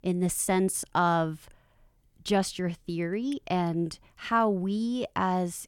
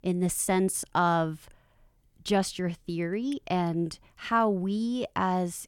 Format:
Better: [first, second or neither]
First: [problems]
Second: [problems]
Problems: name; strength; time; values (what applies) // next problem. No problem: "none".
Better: neither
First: none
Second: none